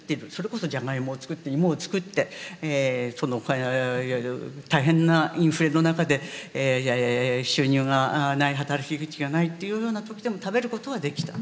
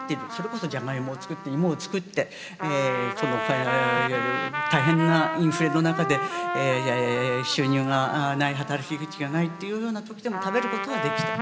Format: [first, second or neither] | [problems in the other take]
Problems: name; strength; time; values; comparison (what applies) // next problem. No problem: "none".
first | background sound (Trumpet); 4 dB below the speech